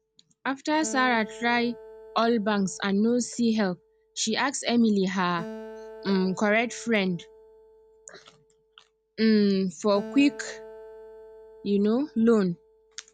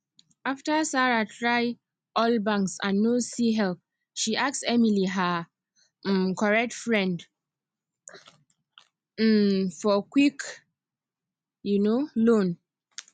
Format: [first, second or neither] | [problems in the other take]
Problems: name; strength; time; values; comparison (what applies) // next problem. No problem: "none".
second | background sound (Acoustic guitar); 19 dB below the speech